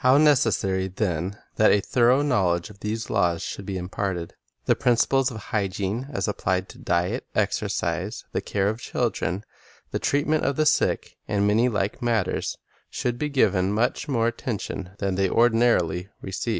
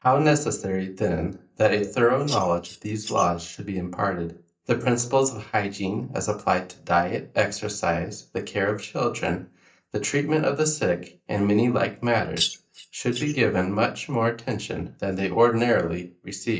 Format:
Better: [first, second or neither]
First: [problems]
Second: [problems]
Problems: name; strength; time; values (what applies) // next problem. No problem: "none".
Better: first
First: none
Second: noise reduction (neural mask model DeepFilterNet 3)